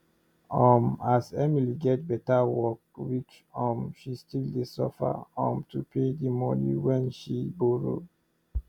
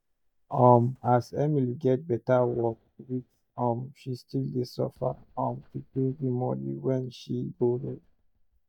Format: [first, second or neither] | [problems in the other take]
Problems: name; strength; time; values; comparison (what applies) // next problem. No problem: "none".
first | noise reduction (neural mask model DeepFilterNet 3)